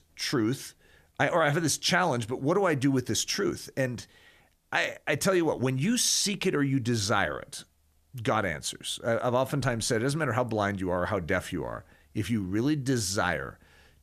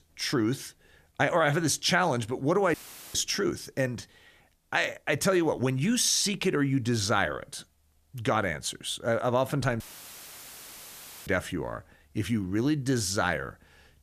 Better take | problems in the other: first | audio cutting out; filled with static; at 2.5 s and at 10 s for 1.5 s

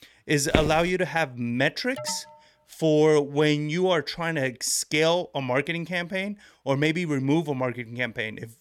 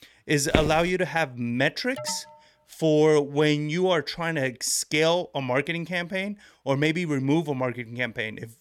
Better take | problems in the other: neither | footsteps; noticeable; at 0.5 s; peak 2 dB below the speech; the same in both // alarm; faint; at 2 s; peak 15 dB below the speech; the same in both

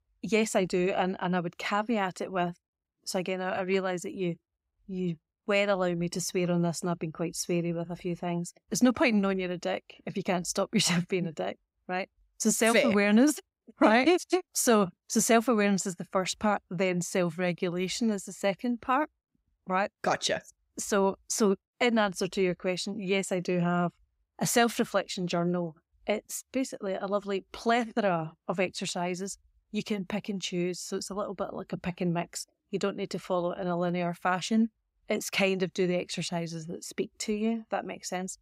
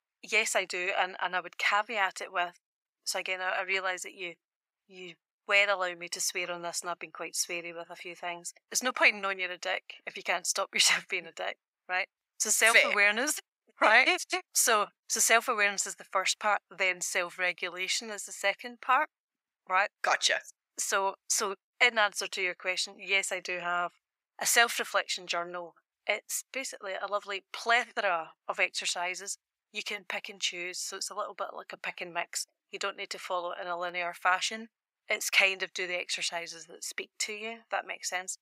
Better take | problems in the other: first | thin; very; fading below 850 Hz

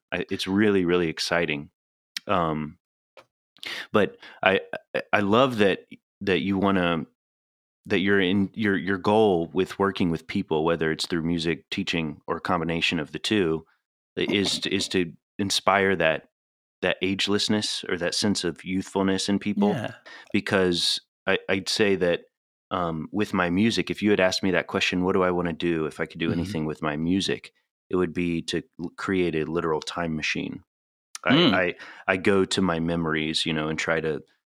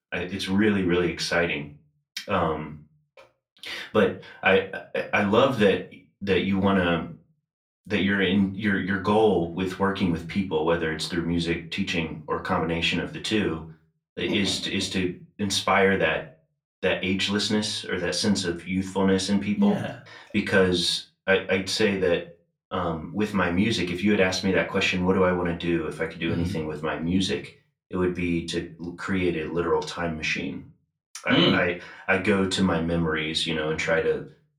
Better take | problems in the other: first | off-mic speech; far // room echo; very slight; dies away in 0.3 s

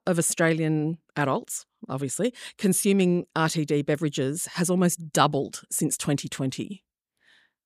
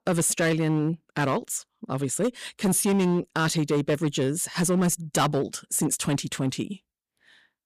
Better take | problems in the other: first | distortion; slight; 9% of the sound clipped

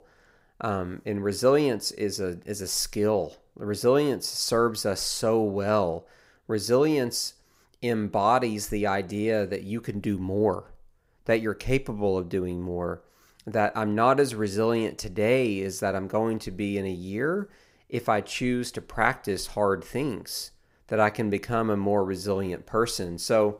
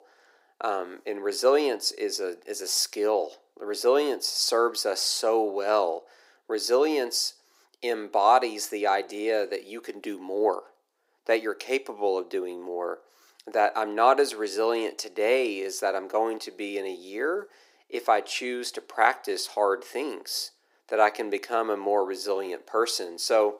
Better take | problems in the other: first | thin; very; fading below 300 Hz

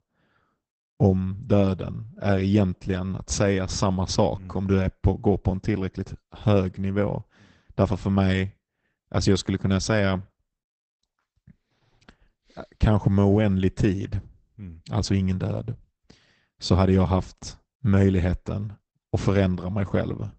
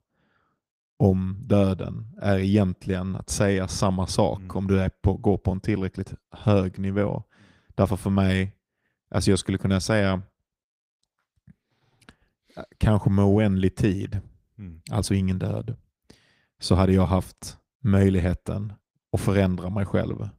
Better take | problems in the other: second | garbled, watery; badly; nothing above 8 kHz; slightly in the second

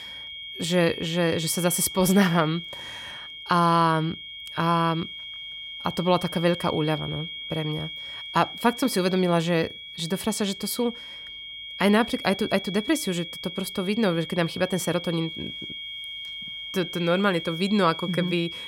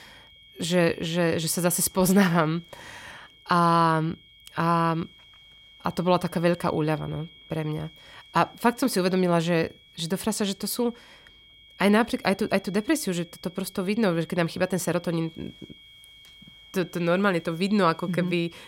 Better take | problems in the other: second | high-pitched whine; loud; throughout; 3.5 kHz, 10 dB below the speech; faint in the second

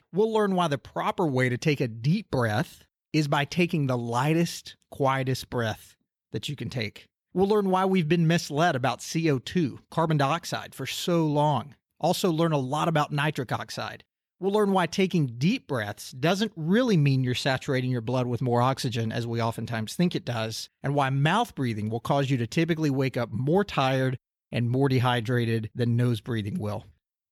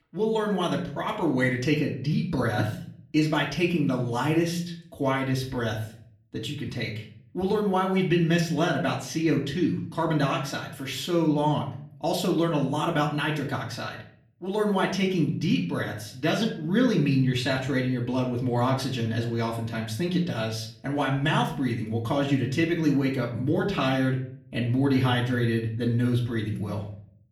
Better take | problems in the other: first | off-mic speech; far // room echo; slight; dies away in 0.5 s

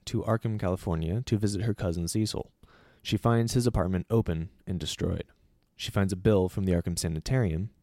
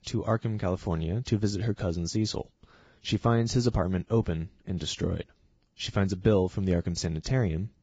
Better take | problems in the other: first | garbled, watery; badly; nothing above 7.5 kHz

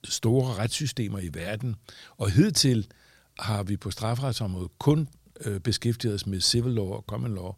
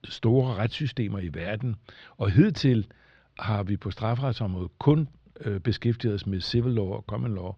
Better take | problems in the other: first | muffled; slightly; fading above 3.5 kHz

